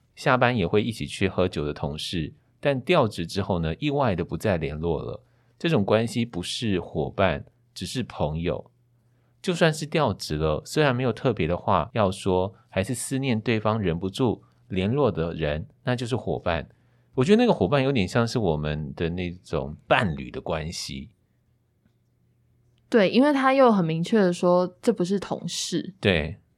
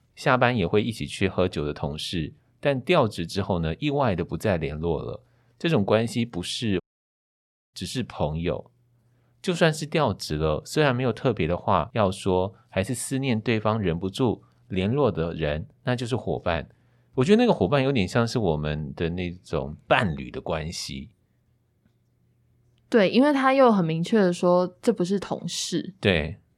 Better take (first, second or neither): first